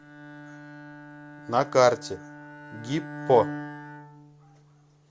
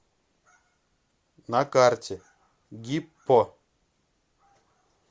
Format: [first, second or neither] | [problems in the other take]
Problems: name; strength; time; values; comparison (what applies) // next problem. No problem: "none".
second | background sound (Bowed string instrument); 13 dB below the speech